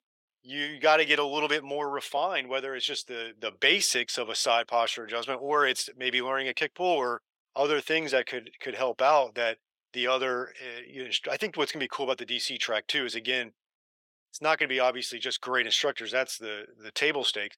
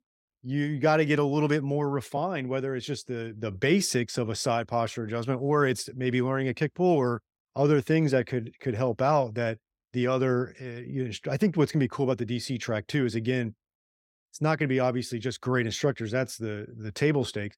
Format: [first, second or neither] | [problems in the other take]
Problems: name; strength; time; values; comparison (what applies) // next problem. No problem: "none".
second | thin; very; fading below 650 Hz